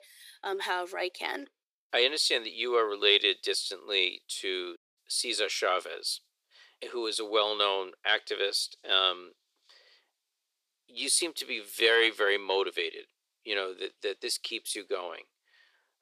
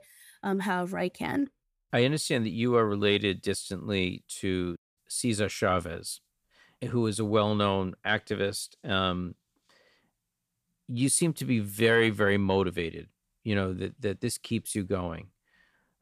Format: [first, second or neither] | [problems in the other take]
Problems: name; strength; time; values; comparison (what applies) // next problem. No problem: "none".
second | thin; very; fading below 350 Hz